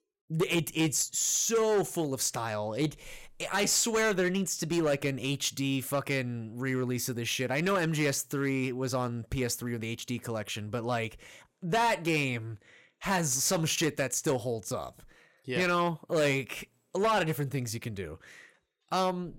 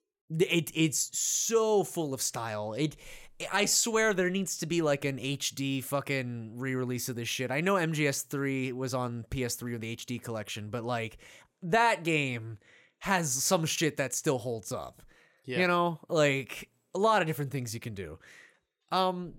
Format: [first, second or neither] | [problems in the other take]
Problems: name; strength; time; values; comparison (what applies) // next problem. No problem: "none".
second | distortion; slight; 5% of the sound clipped